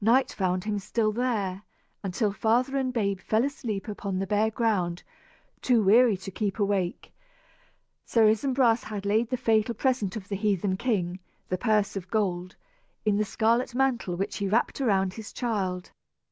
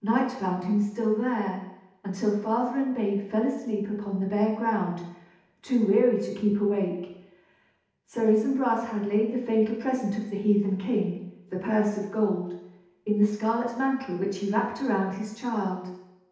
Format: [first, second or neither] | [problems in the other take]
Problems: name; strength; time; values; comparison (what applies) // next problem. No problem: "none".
first | room echo; dies away in 0.8 s